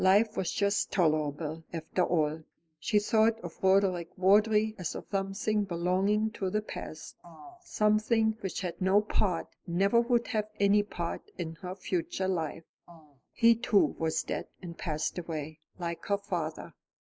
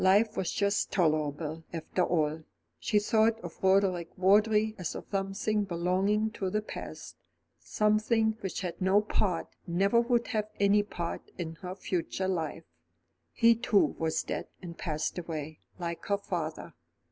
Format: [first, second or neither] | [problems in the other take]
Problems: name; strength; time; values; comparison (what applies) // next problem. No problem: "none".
second | noise reduction (neural mask model Resemble Enhance denoiser)